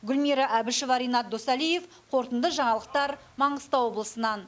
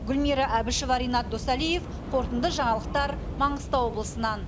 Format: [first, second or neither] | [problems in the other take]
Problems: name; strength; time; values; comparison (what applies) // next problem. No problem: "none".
first | background sound (Subway, metro, underground / Train); 6 dB below the speech